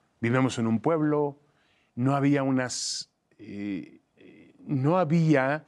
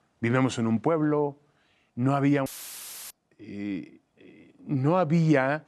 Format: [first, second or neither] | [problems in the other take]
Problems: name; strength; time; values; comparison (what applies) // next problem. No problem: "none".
first | audio cutting out; filled with static; at 2.5 s for 0.5 s